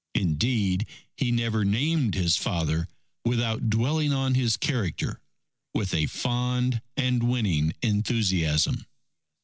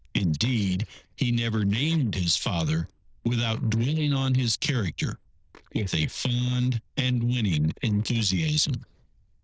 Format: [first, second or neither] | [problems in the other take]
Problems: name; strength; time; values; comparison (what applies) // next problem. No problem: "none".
first | noise reduction (neural diffusion model UNIVERSE++)